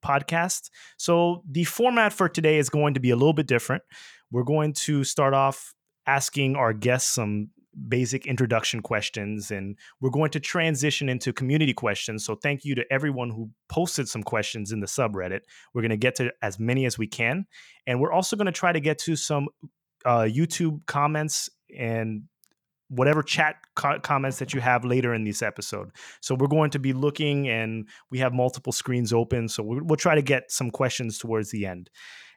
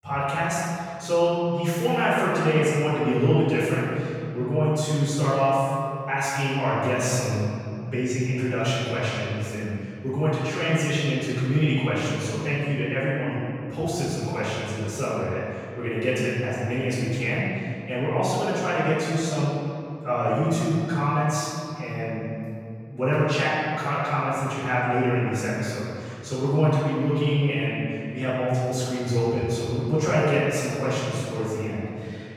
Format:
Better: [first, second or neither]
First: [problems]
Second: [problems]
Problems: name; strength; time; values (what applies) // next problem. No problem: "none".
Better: first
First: none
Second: off-mic speech; far // room echo; strong; dies away in 2.6 s